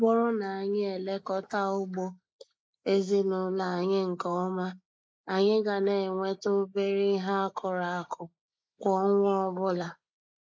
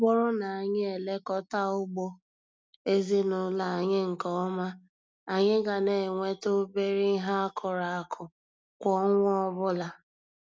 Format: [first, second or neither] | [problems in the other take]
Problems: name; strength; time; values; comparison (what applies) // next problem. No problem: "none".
second | noise reduction (neural mask model Resemble Enhance denoiser)